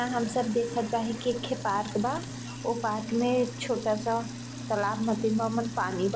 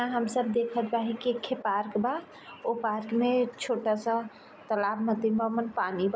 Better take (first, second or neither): second